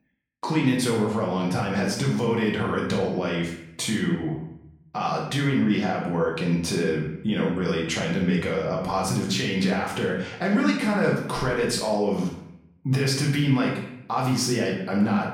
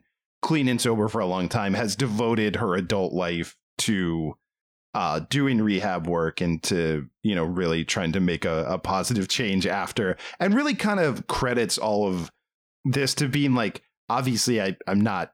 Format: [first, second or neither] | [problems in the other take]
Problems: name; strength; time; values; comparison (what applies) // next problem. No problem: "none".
second | room echo; noticeable; dies away in 0.6 s // off-mic speech; far